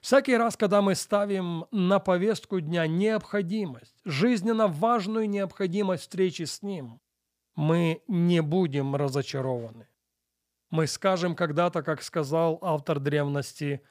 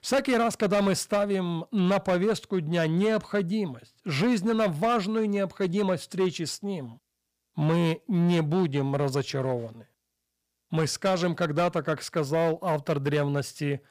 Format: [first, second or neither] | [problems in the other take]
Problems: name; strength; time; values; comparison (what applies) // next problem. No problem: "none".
first | distortion; slight; 8% of the sound clipped